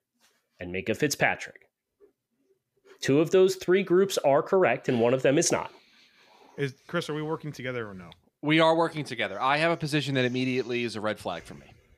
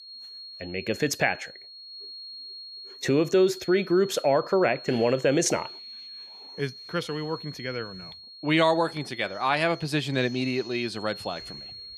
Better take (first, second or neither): first